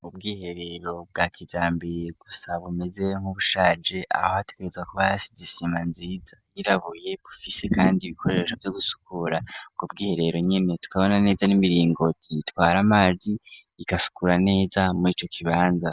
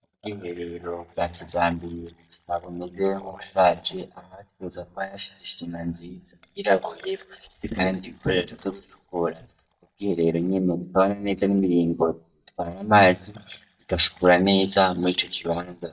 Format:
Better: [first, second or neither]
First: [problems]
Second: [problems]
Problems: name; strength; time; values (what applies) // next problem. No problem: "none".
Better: first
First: none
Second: noise reduction (neural mask model DeepFilterNet 3)